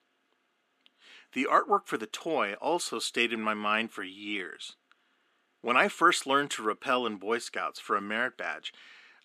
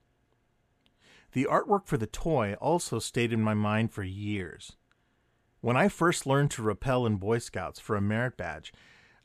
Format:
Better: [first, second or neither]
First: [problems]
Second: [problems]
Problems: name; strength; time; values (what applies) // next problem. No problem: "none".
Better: second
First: thin; somewhat; fading below 250 Hz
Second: none